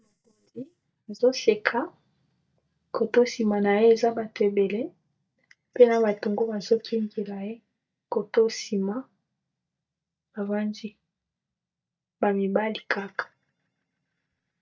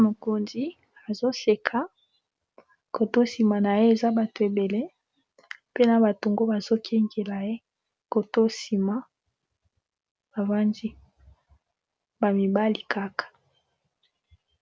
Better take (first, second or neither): second